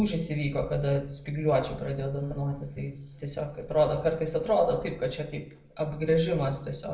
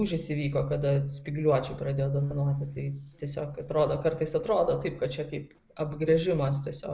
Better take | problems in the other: second | room echo; dies away in 0.5 s

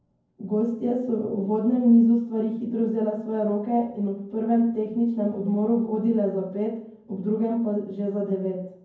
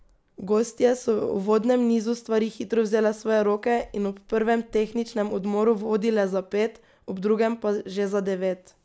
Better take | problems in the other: second | room echo; dies away in 0.9 s

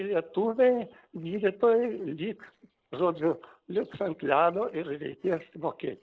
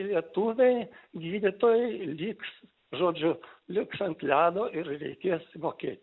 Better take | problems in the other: second | noise reduction (neural separator model SepFormer DNS4)

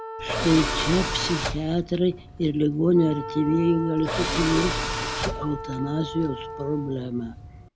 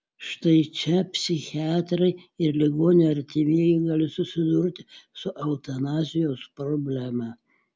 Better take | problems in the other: second | background sound (Tools + Wind instrument, woodwind instrument); 6 dB below the speech

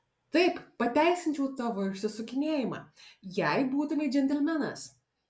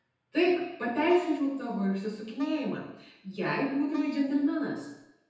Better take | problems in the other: first | background sound (Wind instrument, woodwind instrument); 19 dB below the speech // room echo; dies away in 0.9 s

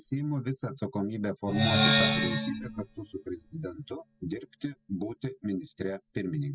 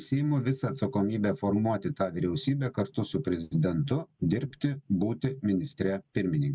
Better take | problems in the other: second | noise reduction (classical method spectral subtraction)

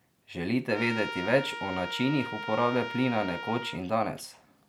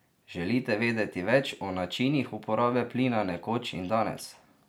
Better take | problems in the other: second | background sound (Trumpet); 9 dB below the speech

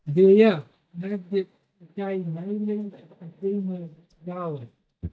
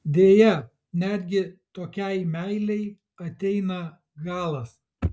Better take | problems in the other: second | noise reduction (neural mask model DeepFilterNet 3)

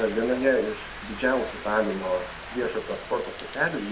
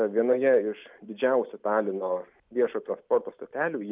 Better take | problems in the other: second | background sound (Rain); 12 dB below the speech // room echo; dies away in 0.5 s

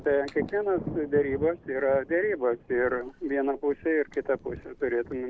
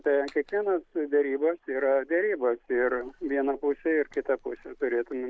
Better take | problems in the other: second | background sound (Thunder); 15 dB below the speech

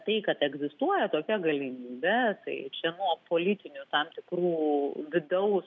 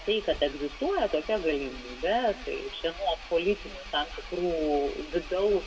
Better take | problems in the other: first | background sound (Engine); 13 dB below the speech // room echo; dies away in 1.1 s

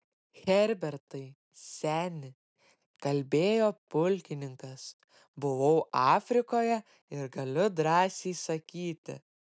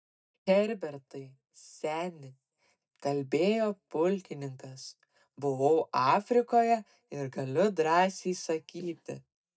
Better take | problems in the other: first | noise reduction (neural mask model DeepFilterNet 3)

